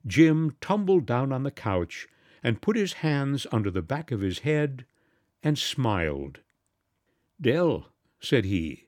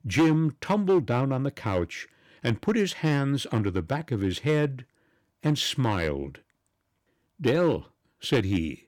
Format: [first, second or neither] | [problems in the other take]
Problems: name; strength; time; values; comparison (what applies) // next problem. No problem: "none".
first | distortion; slight; 3% of the sound clipped